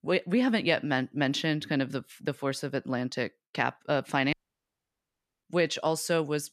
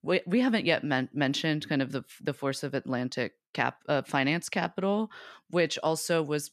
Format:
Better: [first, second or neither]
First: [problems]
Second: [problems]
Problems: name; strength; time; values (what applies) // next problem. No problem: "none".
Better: second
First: audio cutting out; at 4.5 s for 1 s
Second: none